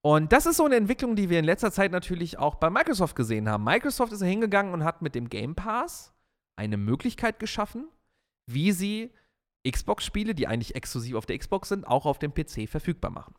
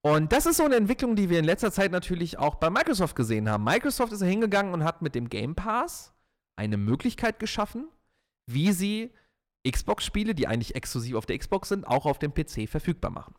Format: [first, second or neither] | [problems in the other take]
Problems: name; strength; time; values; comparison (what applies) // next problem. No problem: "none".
first | distortion; slight; 3% of the sound clipped